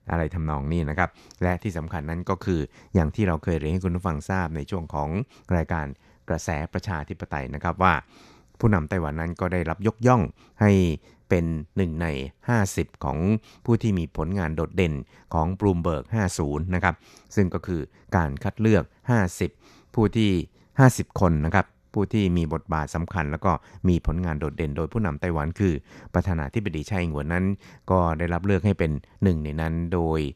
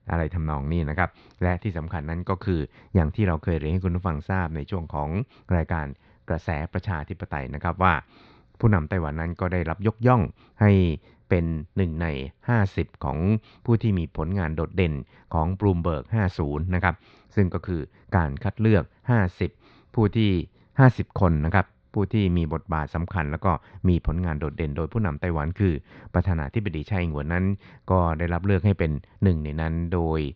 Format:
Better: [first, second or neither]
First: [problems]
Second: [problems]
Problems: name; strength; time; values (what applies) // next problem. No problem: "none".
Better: first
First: none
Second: muffled; slightly; fading above 4 kHz